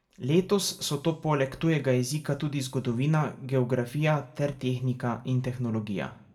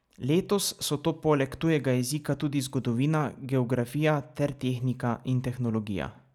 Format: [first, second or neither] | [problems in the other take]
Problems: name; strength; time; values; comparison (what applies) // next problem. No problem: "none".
second | room echo; dies away in 0.5 s